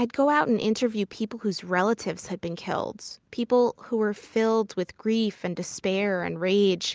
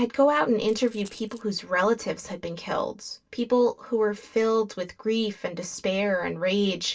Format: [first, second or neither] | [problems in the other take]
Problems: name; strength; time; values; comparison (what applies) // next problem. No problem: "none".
first | noise reduction (neural separator model SepFormer DNS4)